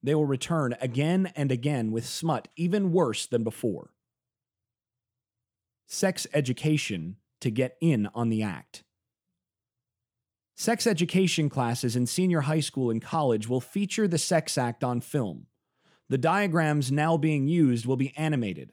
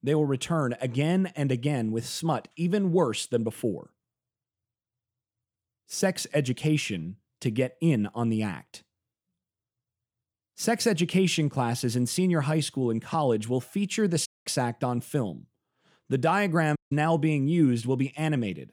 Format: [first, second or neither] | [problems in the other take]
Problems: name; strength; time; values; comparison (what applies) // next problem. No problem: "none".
first | audio cutting out; at 14 s and at 17 s